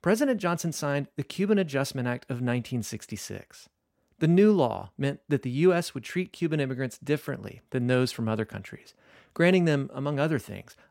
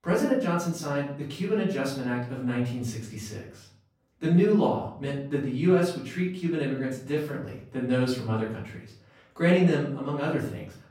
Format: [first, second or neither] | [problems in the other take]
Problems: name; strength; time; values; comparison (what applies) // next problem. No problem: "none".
first | off-mic speech; far // room echo; noticeable; dies away in 0.5 s